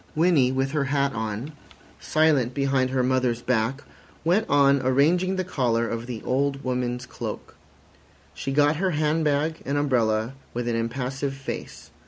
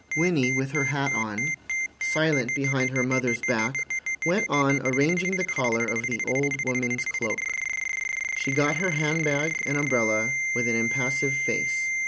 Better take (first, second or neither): first